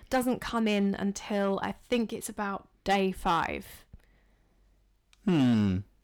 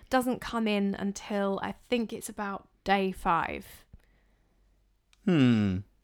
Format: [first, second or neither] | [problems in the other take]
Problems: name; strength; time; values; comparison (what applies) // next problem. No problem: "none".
second | distortion; slight; 3% of the sound clipped